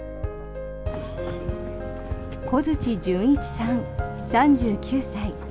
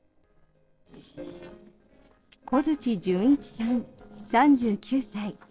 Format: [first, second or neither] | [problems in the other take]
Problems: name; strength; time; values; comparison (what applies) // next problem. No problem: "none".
first | noise reduction (neural separator model SepFormer DNS4)